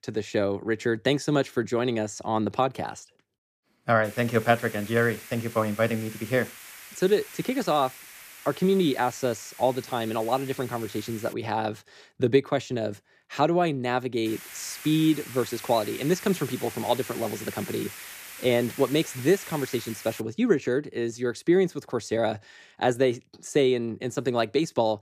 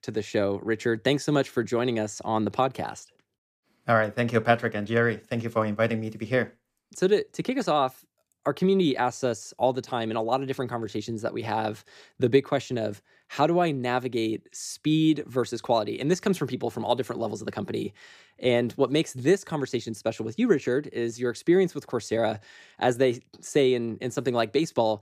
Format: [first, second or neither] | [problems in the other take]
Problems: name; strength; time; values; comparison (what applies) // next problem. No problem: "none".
second | hiss; noticeable; from 4 to 11 s and from 14 to 20 s; 15 dB below the speech